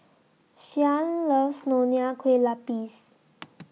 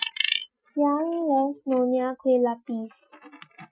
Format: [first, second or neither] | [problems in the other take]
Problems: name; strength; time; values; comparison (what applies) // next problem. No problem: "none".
first | noise reduction (classical method Wiener filter)